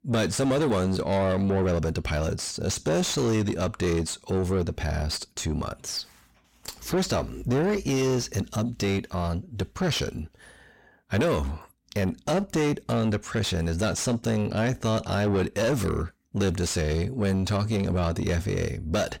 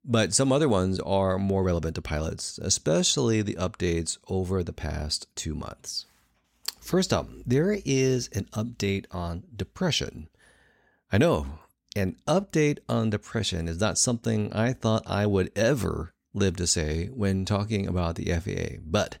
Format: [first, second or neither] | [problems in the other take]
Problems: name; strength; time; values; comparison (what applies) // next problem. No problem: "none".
second | distortion; heavy; 7 dB below the speech